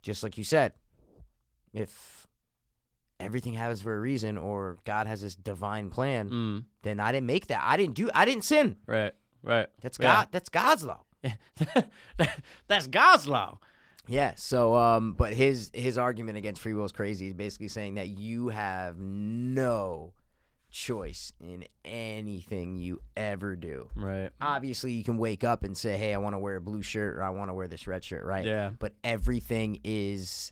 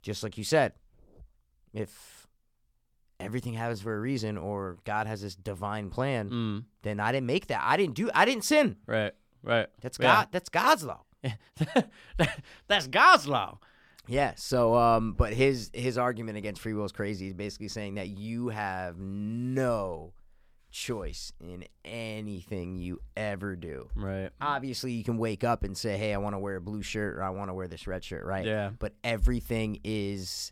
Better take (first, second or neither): second